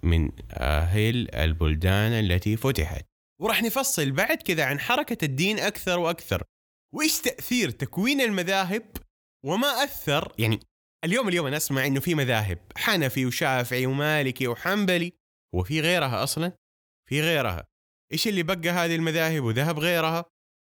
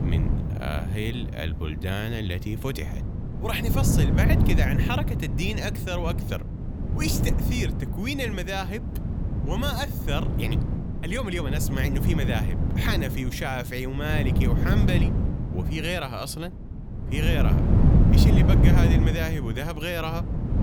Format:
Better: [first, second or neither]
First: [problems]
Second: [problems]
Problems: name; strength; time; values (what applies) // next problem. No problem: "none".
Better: first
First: none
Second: wind noise on the microphone; heavy; 4 dB below the speech